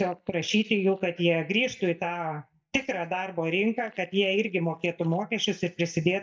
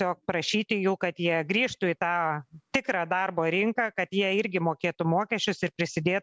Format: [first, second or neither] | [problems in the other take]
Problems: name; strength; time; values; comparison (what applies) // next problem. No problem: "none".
second | noise reduction (neural mask model DeepFilterNet 3)